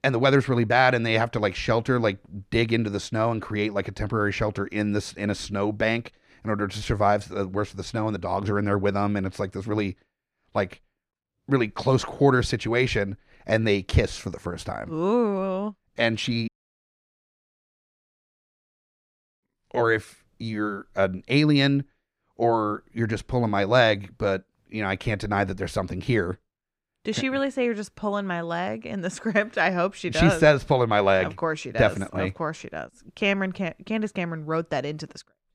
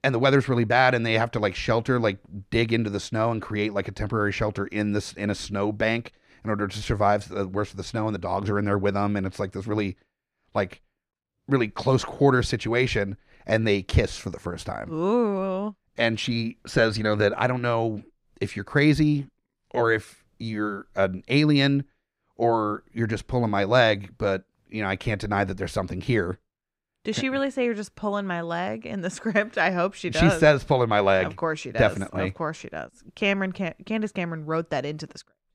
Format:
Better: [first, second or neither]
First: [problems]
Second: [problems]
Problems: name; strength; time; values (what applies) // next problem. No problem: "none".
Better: second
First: audio cutting out; at 16 s for 3 s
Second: none